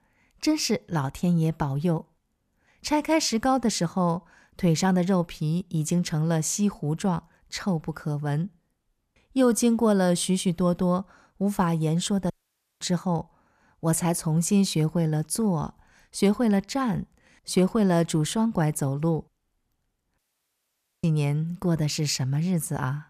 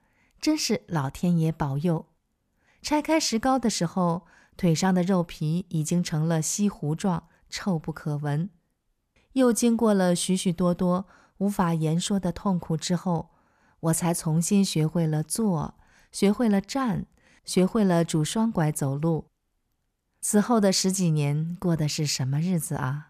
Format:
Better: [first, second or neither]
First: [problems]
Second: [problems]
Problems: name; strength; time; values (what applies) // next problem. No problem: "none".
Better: second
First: audio cutting out; at 12 s for 0.5 s and at 20 s for 1 s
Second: none